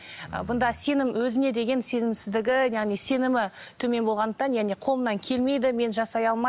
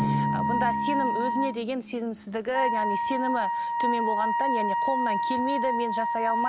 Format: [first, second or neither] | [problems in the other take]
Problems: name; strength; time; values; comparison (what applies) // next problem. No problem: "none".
first | background sound (Drum + Wind instrument, woodwind instrument); 3 dB above the speech